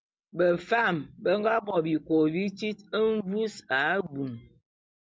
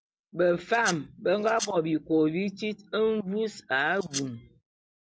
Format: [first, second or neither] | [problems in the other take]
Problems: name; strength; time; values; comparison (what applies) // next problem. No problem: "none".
first | background sound (Domestic sounds, home sounds); 11 dB below the speech